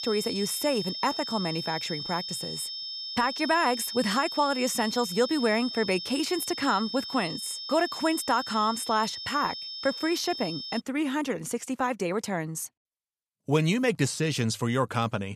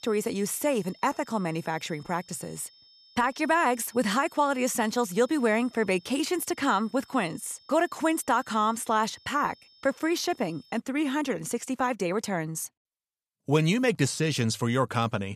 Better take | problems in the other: second | high-pitched whine; loud; until 11 s; 5.5 kHz, 6 dB below the speech; faint in the second

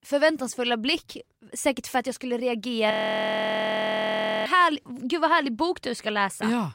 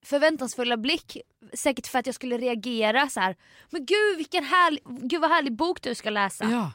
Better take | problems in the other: second | audio freezing; at 3 s for 1.5 s

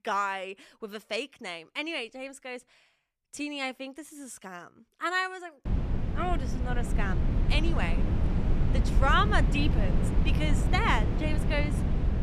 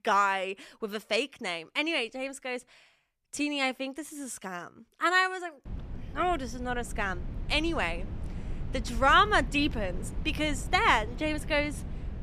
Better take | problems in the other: second | low rumble; loud; from 5.5 s on; 8 dB below the speech; faint in the second

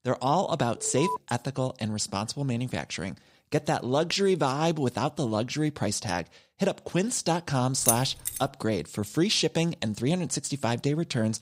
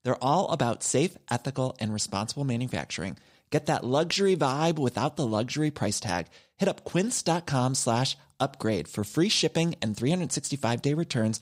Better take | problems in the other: second | alarm; noticeable; at 1 s; peak 6 dB below the speech // jangling keys; loud; at 8 s; peak 2 dB above the speech

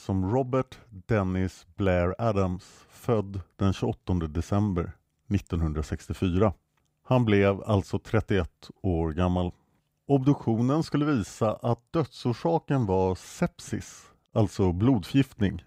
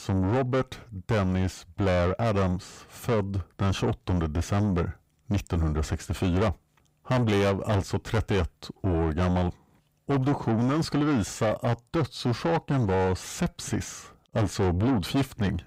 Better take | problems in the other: first | distortion; heavy; 7 dB below the speech

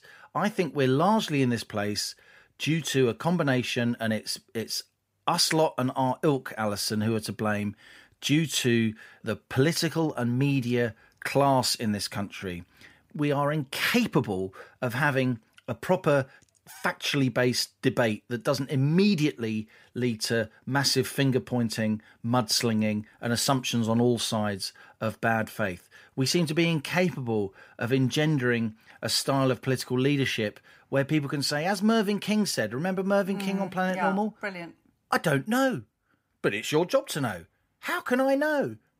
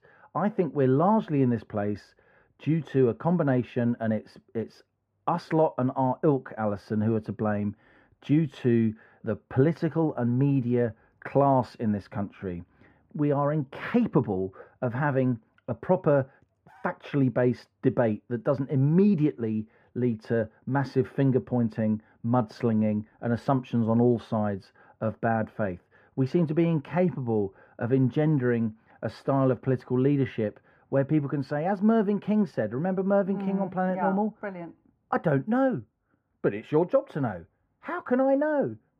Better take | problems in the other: first | muffled; very; fading above 3 kHz

